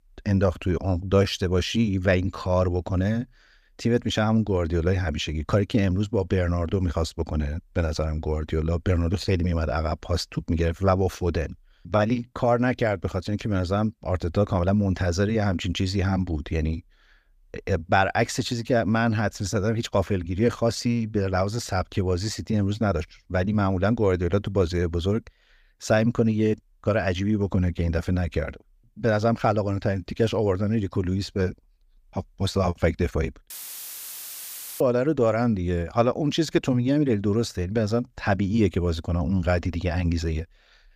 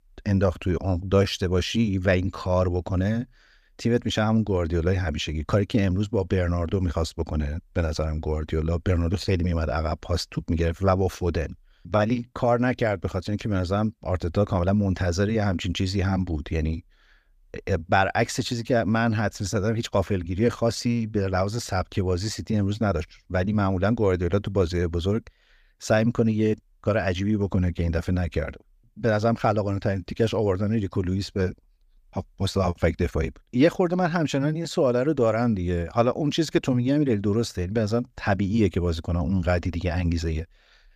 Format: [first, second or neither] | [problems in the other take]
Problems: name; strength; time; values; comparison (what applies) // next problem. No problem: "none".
second | audio cutting out; filled with static; at 34 s for 1.5 s